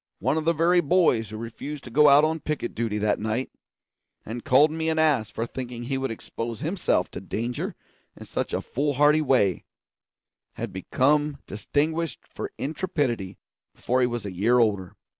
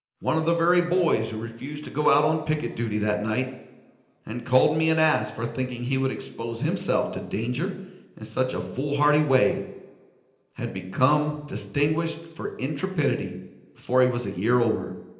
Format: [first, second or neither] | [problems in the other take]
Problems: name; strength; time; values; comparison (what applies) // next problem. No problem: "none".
first | room echo; dies away in 0.8 s